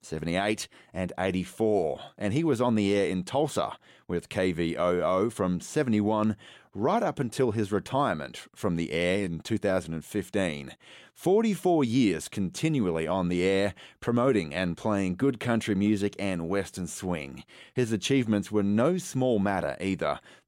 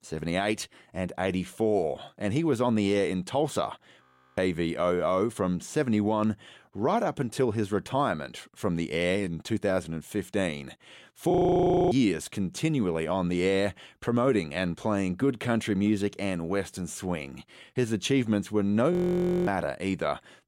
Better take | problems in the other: first | audio freezing; at 4 s, at 11 s for 0.5 s and at 19 s for 0.5 s

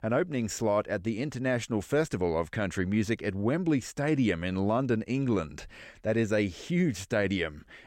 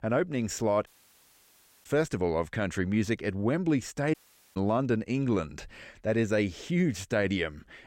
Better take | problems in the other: first | audio cutting out; at 1 s for 1 s and at 4 s

